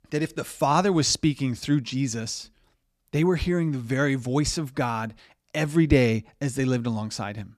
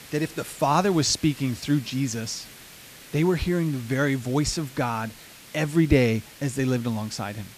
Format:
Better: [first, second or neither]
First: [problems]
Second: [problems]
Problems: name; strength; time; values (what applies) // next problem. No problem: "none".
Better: first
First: none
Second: hiss; noticeable; throughout; 20 dB below the speech